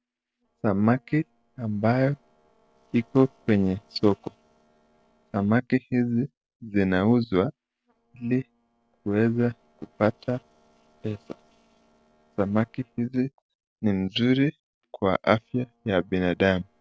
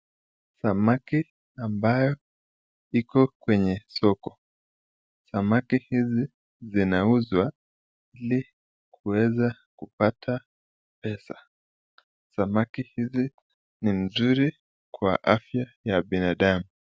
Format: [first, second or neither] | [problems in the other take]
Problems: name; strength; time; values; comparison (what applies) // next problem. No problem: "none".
second | noise reduction (neural separator model SepFormer DNS4)